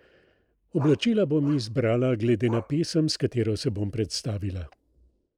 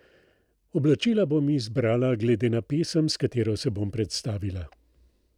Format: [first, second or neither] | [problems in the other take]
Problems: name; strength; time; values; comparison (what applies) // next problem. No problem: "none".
second | noise reduction (neural mask model Resemble Enhance denoiser)